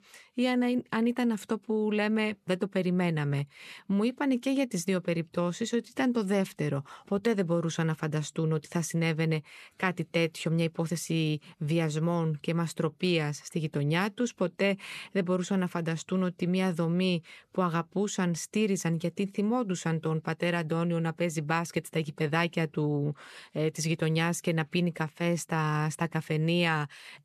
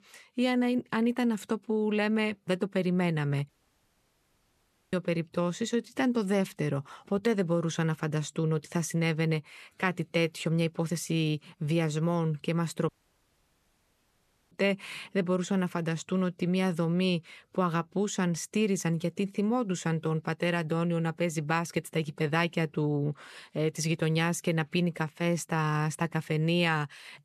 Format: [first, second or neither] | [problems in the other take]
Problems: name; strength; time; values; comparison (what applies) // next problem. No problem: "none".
first | audio cutting out; at 3.5 s for 1.5 s and at 13 s for 1.5 s